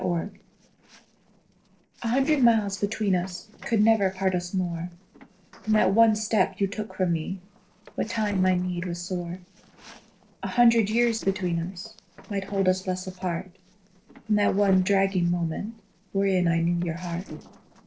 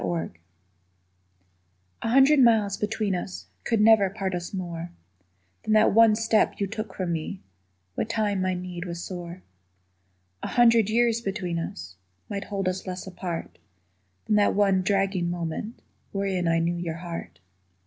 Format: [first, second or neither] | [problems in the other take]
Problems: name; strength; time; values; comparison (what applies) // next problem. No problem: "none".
second | noise reduction (neural separator model SepFormer DNS4)